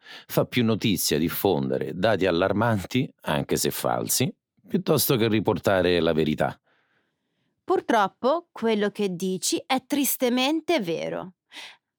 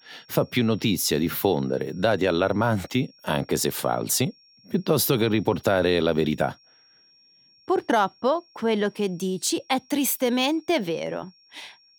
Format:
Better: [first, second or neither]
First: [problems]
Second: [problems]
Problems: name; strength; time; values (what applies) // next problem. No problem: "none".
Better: first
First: none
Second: high-pitched whine; faint; throughout; 5.5 kHz, 30 dB below the speech